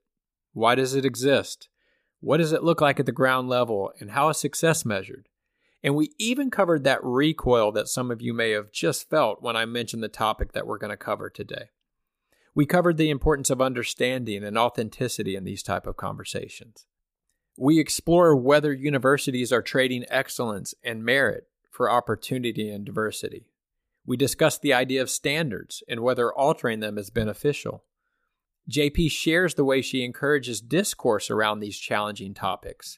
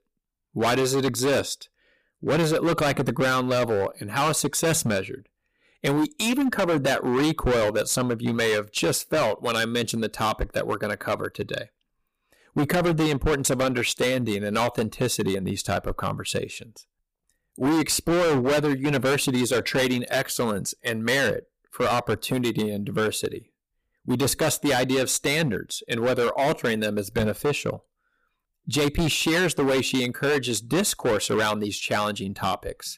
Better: first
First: none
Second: distortion; heavy; 16% of the sound clipped

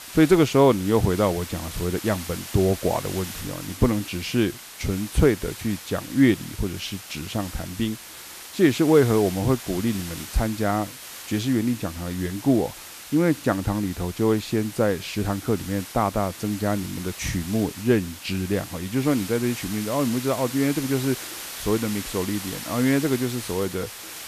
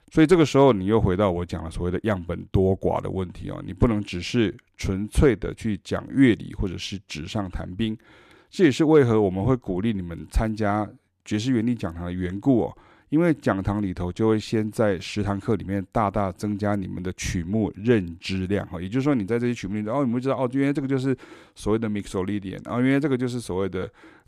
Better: second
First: hiss; noticeable; throughout; 10 dB below the speech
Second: none

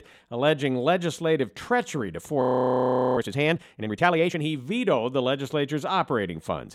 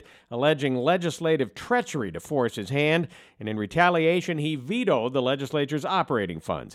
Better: second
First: audio freezing; at 2.5 s for 1 s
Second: none

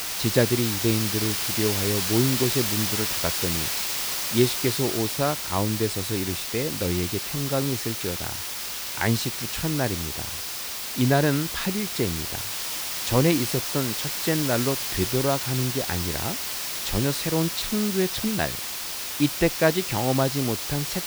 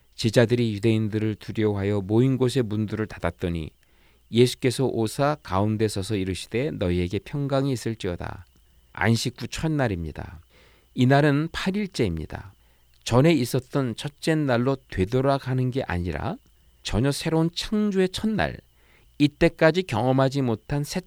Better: second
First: hiss; loud; throughout; 1 dB below the speech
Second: none

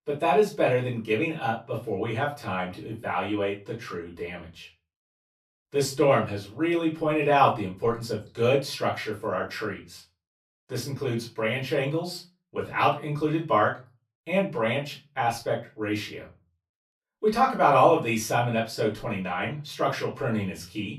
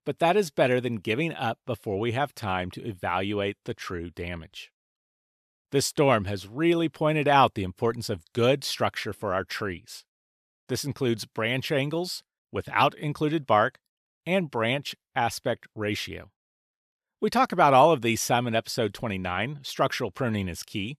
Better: second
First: off-mic speech; far // room echo; very slight; dies away in 0.3 s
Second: none

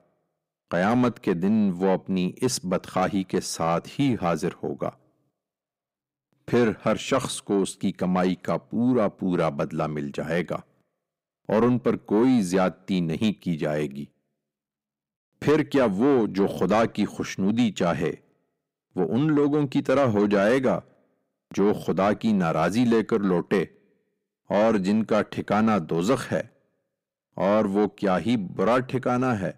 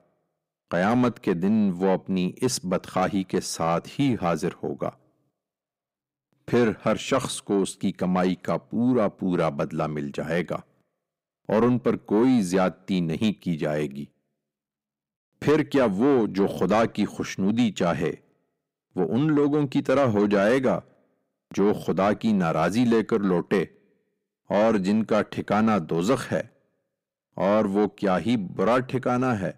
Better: neither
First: distortion; slight; 10 dB below the speech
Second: distortion; slight; 10 dB below the speech

